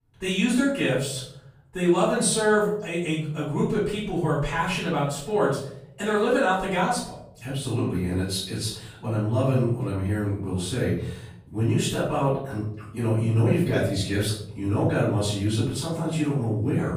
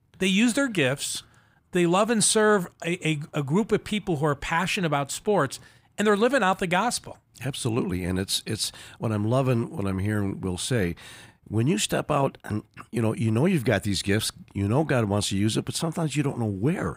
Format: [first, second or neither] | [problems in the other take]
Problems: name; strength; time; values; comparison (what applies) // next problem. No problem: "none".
second | off-mic speech; far // room echo; noticeable; dies away in 0.6 s